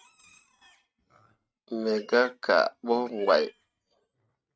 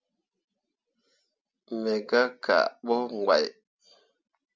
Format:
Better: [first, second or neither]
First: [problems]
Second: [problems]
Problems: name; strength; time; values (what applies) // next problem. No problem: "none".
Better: second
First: noise reduction (neural mask model RNNoise)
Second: none